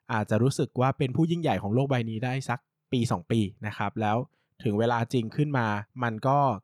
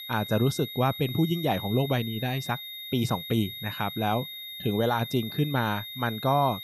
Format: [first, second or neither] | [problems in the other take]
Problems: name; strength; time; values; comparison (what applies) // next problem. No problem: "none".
first | high-pitched whine; loud; throughout; 3.5 kHz, 9 dB below the speech